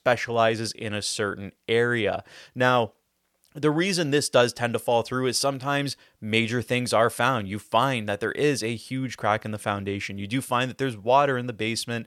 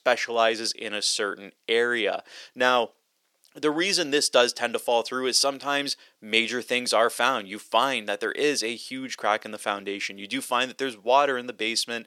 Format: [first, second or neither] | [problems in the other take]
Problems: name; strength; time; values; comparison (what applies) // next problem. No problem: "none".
first | thin; very slightly; fading below 250 Hz